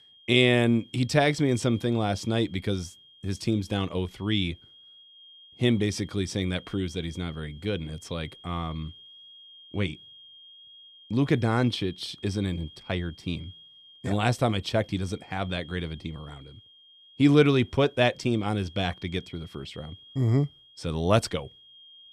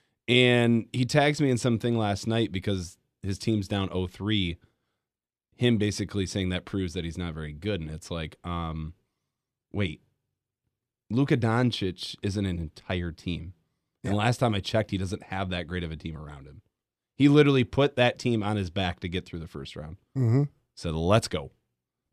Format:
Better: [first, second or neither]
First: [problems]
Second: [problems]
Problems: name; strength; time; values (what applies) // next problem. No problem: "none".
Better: second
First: high-pitched whine; faint; throughout; 3.5 kHz, 20 dB below the speech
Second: none